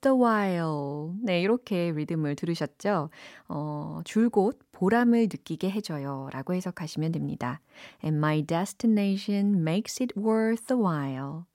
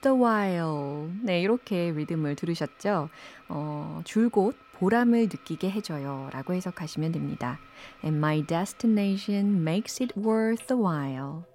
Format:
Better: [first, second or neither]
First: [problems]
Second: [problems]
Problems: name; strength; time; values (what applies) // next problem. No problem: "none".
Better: first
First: none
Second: household noises; faint; throughout; 25 dB below the speech